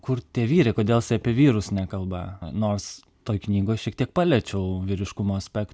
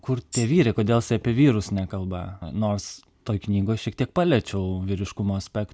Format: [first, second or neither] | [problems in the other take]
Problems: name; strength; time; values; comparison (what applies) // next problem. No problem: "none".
first | background sound (Tambourine); 10 dB below the speech